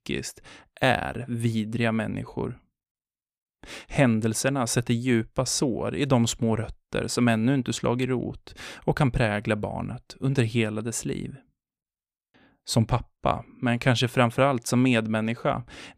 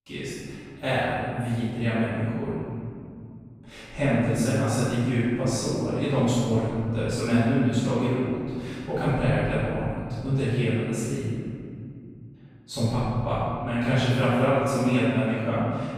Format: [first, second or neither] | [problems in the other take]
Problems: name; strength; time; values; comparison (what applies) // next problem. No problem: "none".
first | off-mic speech; far // room echo; strong; dies away in 2.6 s